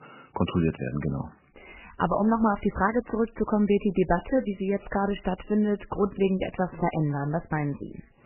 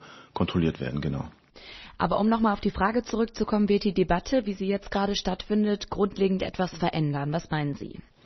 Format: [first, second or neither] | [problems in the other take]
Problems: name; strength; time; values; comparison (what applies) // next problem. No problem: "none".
second | garbled, watery; badly; nothing above 3 kHz; slightly in the second